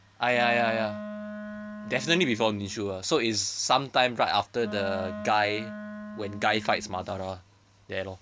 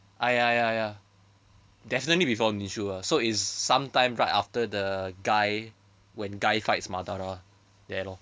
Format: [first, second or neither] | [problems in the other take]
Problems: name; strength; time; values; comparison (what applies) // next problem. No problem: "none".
second | background sound (Wind instrument, woodwind instrument); 12 dB below the speech